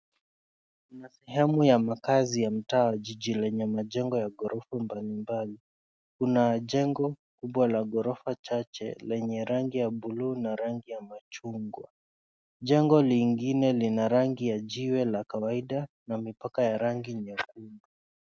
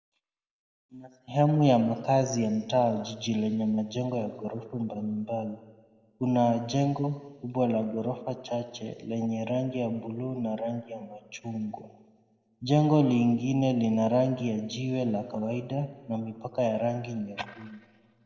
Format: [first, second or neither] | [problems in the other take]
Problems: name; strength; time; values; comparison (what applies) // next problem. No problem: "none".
first | room echo; dies away in 1.3 s